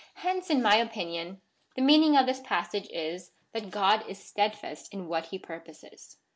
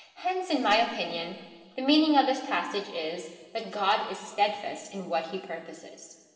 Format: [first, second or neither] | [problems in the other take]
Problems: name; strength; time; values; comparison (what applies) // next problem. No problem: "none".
first | room echo; dies away in 2 s